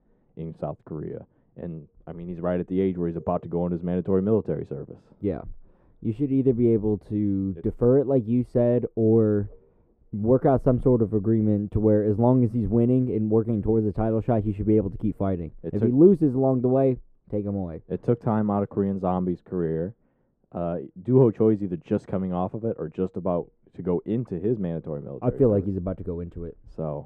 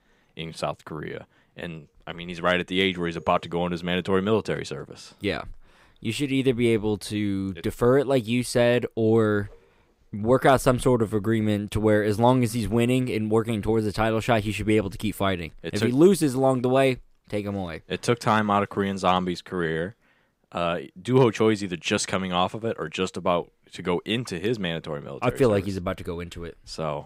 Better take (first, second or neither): second